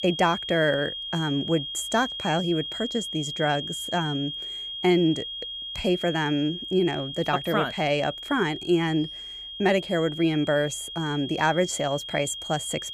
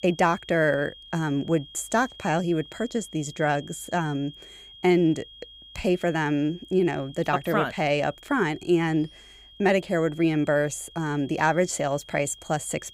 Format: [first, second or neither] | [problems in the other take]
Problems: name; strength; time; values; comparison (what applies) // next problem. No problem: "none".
second | high-pitched whine; loud; throughout; 3.5 kHz, 7 dB below the speech; faint in the second